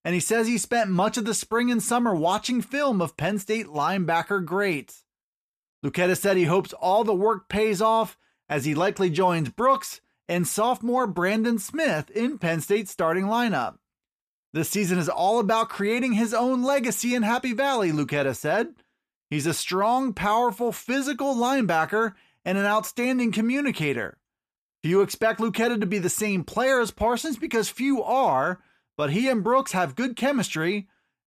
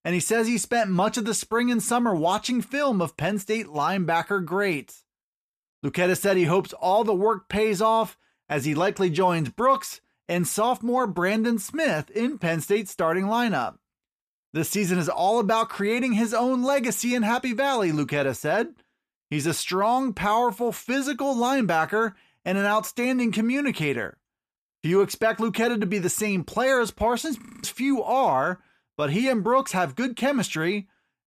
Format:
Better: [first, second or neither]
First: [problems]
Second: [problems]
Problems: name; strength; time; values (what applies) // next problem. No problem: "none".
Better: first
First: none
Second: audio freezing; at 27 s